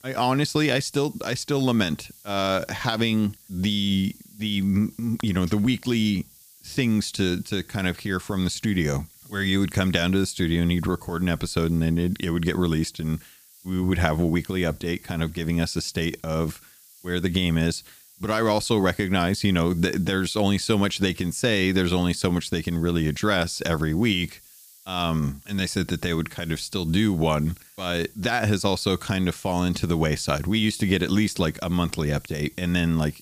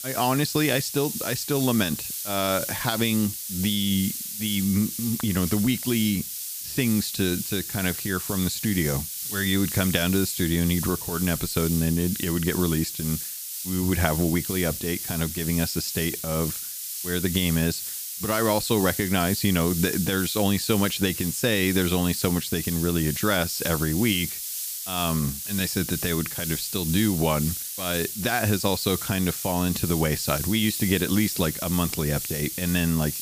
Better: first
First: hiss; faint; throughout; 25 dB below the speech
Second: hiss; loud; throughout; 4 dB below the speech

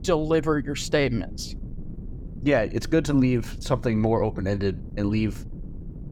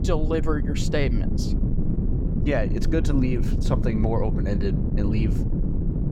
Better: first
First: wind noise on the microphone; occasional gusts; 20 dB below the speech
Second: wind noise on the microphone; heavy; 6 dB below the speech

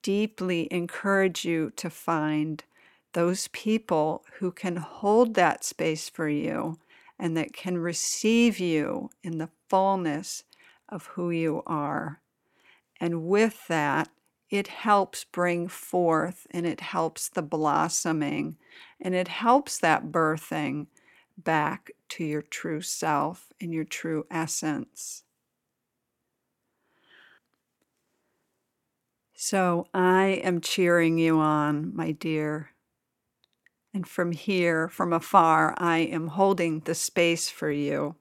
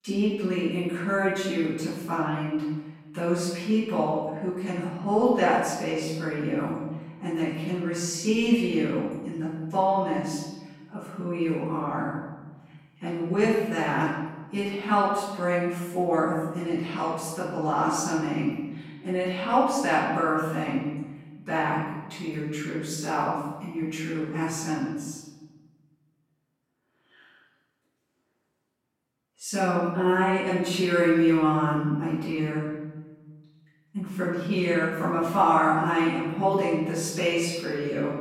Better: first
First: none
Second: off-mic speech; far // room echo; strong; dies away in 1.2 s

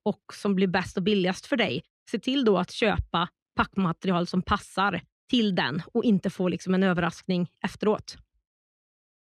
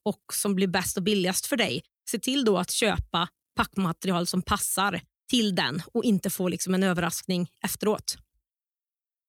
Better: second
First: muffled; slightly; fading above 3 kHz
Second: none

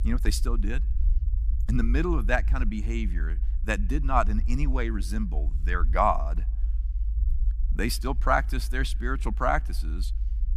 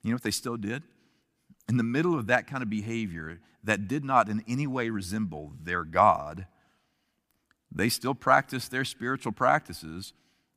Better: second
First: low rumble; faint; throughout; 25 dB below the speech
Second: none

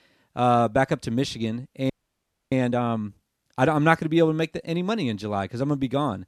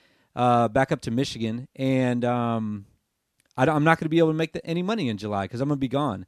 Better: second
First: audio freezing; at 2 s for 0.5 s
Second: none

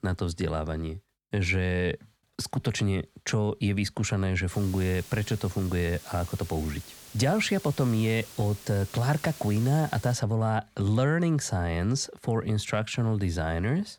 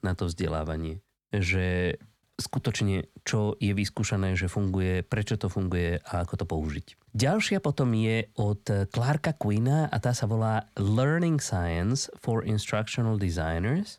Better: second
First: hiss; noticeable; from 4.5 to 10 s; 15 dB below the speech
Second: none

